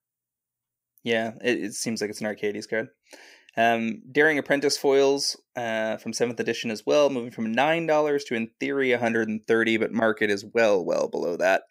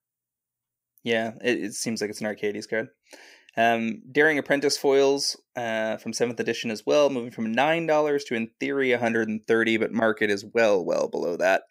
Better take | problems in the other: neither | none

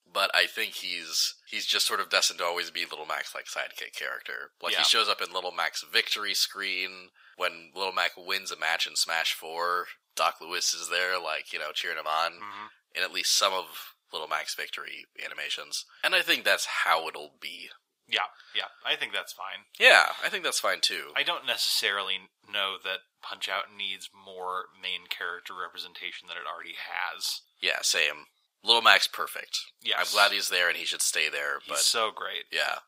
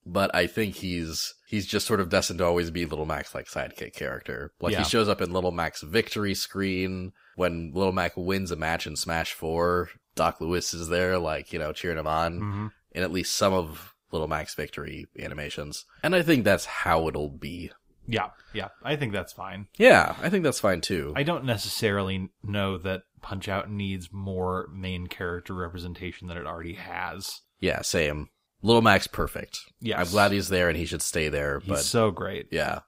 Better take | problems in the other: second | thin; very; fading below 900 Hz

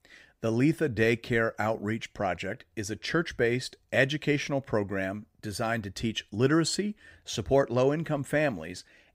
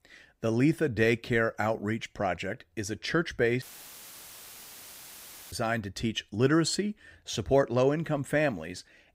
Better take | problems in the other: first | audio cutting out; filled with static; at 3.5 s for 2 s

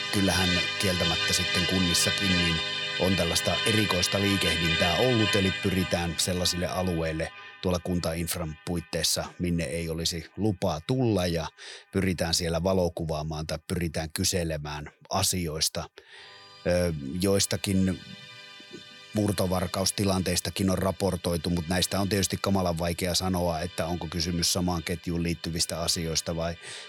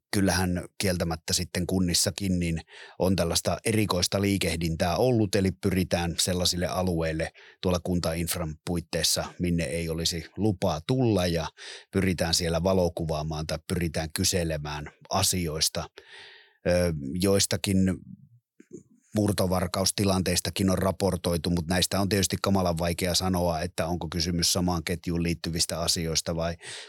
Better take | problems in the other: second | background music; very loud; throughout; 1 dB above the speech

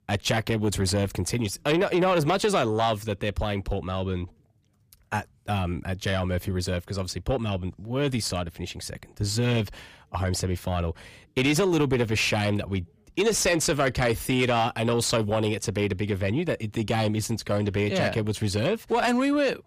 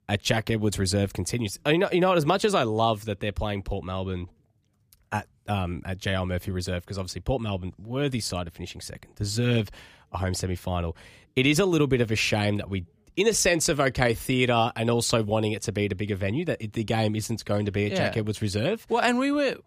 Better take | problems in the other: second | distortion; slight; 10 dB below the speech

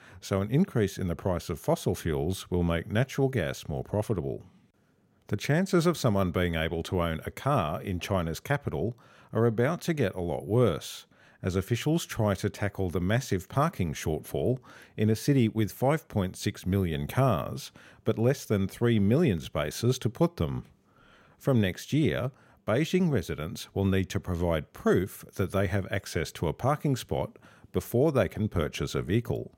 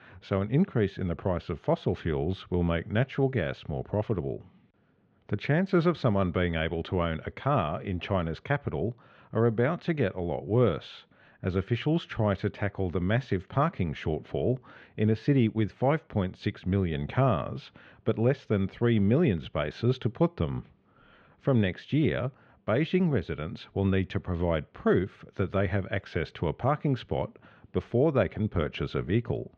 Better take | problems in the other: first | muffled; slightly; fading above 3.5 kHz

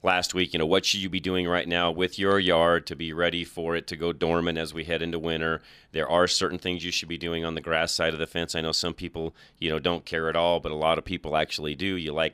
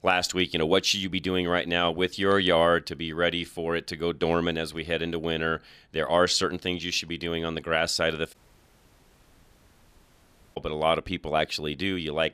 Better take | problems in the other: first | audio cutting out; at 8.5 s for 2 s

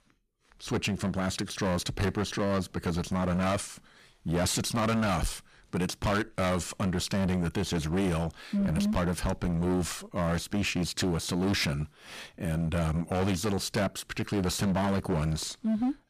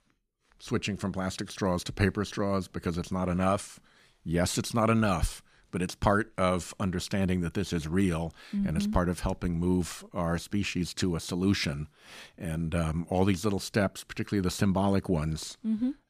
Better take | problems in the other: second | distortion; heavy; 18% of the sound clipped

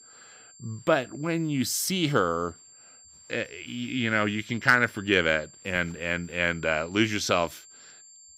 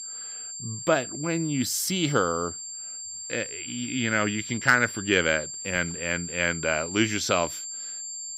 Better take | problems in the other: first | high-pitched whine; loud; throughout; 7.5 kHz, 8 dB below the speech; faint in the first

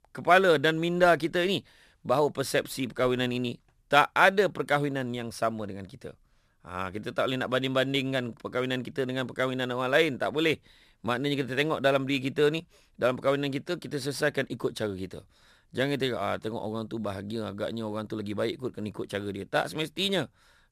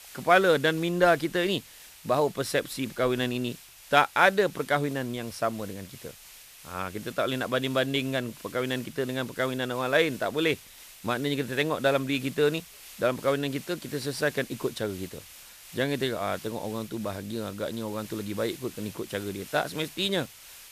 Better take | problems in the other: first | hiss; noticeable; throughout; 20 dB below the speech

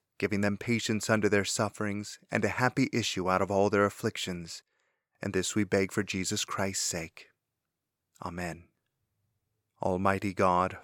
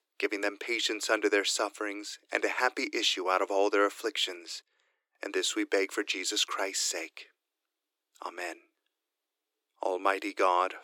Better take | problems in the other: first | thin; somewhat; fading below 300 Hz

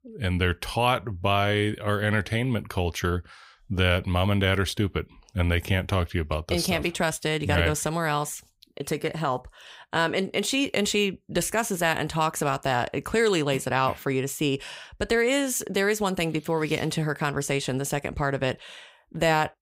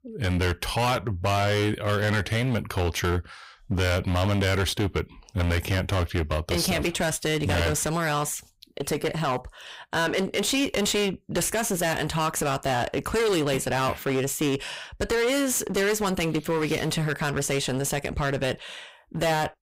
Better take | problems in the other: first | distortion; heavy; 20% of the sound clipped

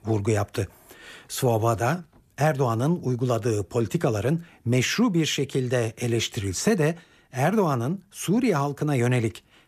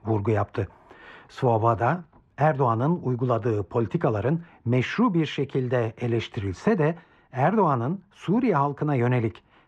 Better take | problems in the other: first | muffled; very; fading above 2 kHz

